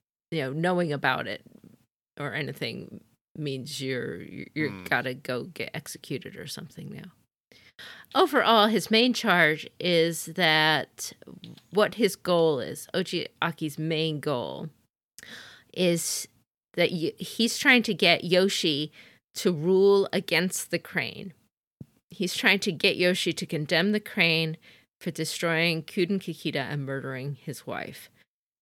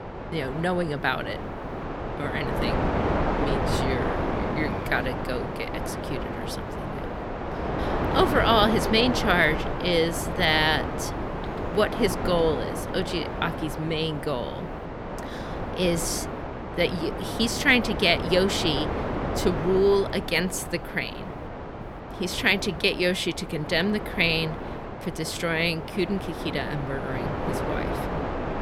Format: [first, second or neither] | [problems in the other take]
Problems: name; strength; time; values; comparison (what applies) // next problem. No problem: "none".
first | wind noise on the microphone; heavy; 6 dB below the speech